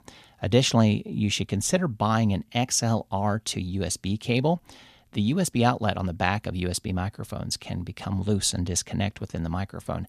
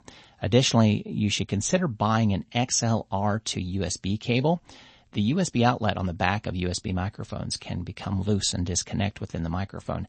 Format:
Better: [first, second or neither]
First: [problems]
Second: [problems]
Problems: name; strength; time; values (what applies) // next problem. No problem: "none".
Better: first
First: none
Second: garbled, watery; slightly; nothing above 8 kHz